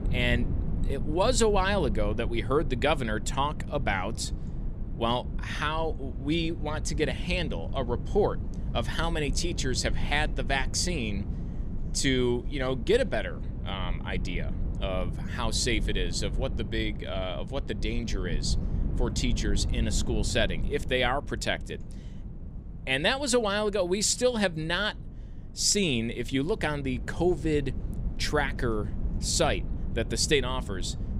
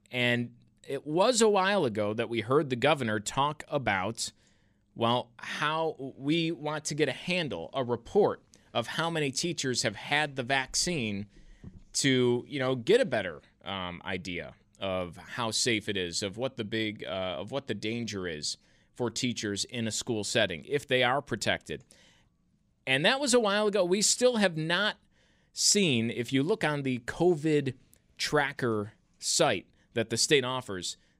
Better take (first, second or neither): second